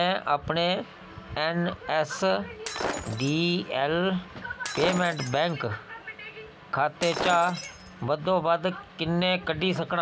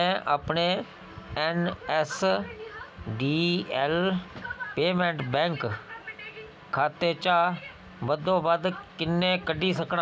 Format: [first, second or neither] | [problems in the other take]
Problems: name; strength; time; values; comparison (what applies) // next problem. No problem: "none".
second | background sound (Shatter); 9 dB below the speech